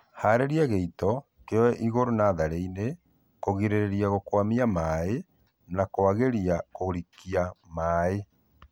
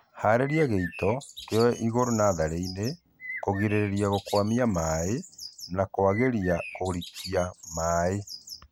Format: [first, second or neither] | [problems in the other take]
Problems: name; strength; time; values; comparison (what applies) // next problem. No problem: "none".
first | background sound (Bird); 14 dB below the speech